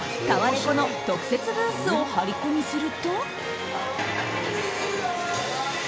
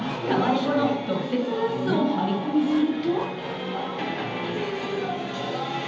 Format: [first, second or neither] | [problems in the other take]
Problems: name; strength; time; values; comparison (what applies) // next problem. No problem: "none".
first | background sound (Bark); 17 dB below the speech // room echo; dies away in 0.9 s